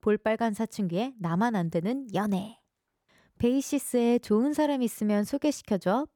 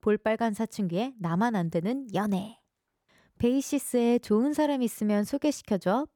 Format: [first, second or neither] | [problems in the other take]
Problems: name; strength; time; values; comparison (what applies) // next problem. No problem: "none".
neither | none